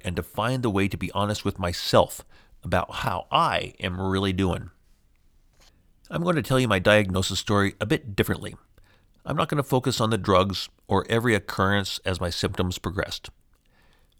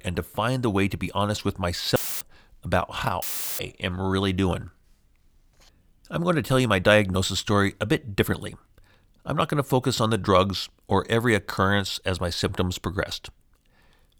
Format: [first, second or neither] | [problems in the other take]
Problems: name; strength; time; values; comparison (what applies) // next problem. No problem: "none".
first | audio cutting out; filled with static; at 2 s and at 3 s